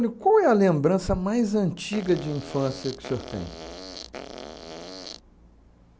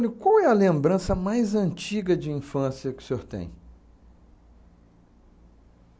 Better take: second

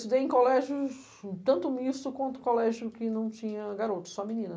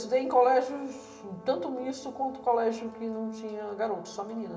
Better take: first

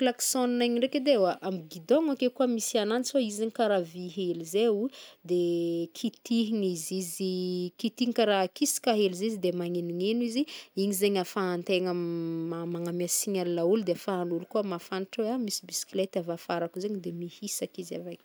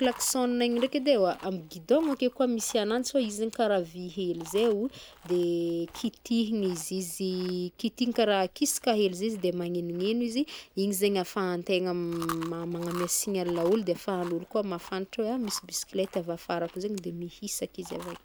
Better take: first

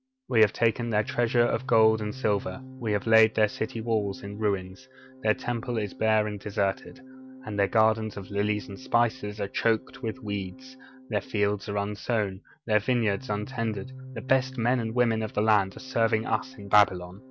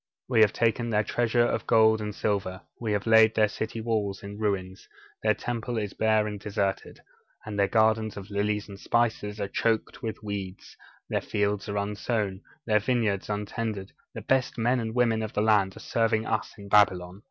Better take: second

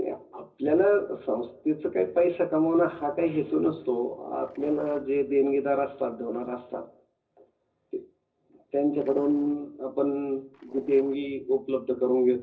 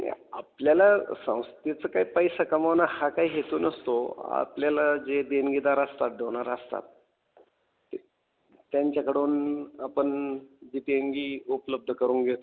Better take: second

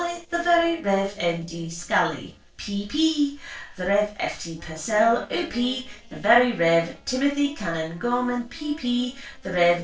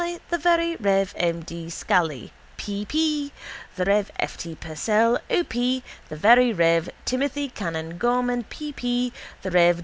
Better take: second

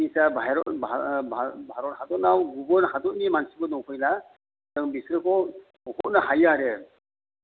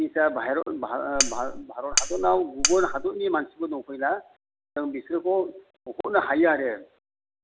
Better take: first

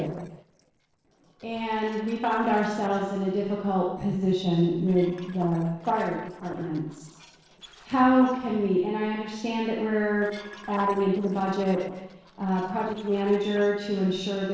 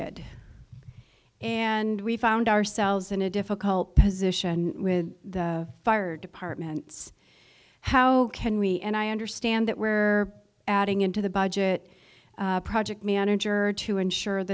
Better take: second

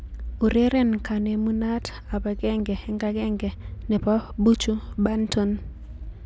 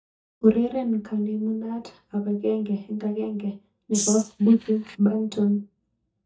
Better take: first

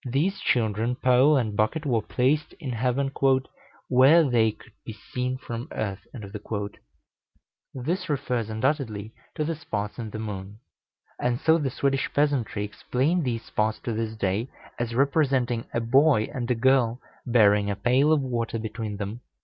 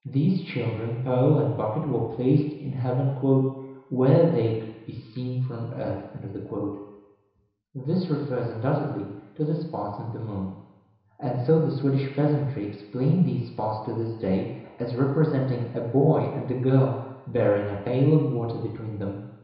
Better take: first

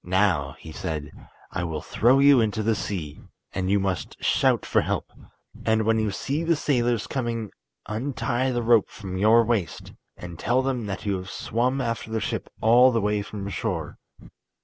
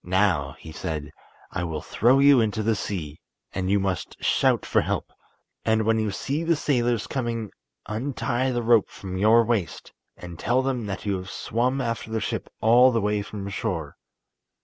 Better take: second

